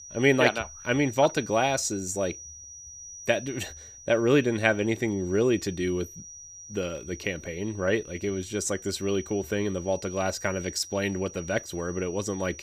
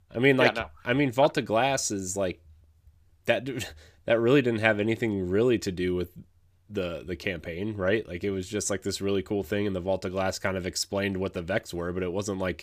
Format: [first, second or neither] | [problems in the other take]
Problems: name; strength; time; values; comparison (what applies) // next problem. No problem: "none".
second | high-pitched whine; noticeable; throughout; 6 kHz, 15 dB below the speech